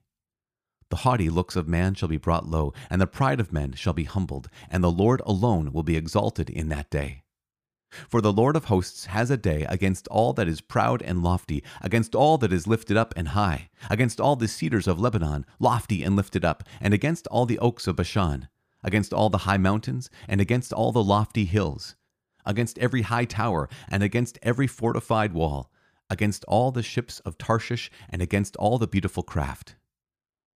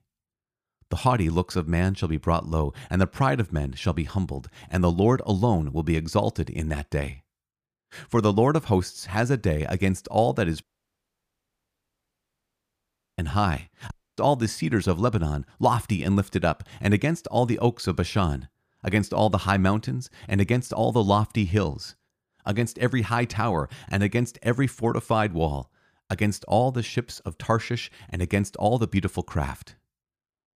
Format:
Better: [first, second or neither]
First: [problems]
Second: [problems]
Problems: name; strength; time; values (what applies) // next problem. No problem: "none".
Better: first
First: none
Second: audio cutting out; at 11 s for 2.5 s and at 14 s